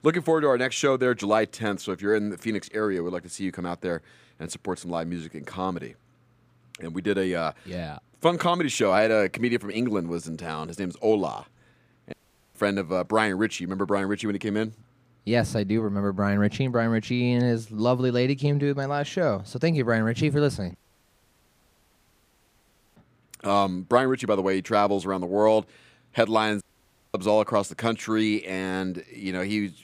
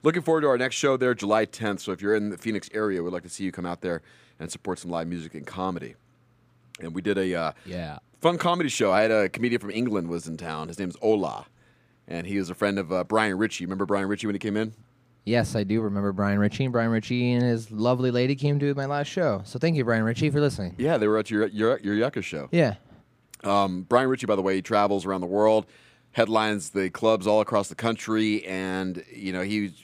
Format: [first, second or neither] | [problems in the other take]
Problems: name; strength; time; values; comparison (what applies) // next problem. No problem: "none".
second | audio cutting out; at 12 s, at 21 s for 2 s and at 27 s for 0.5 s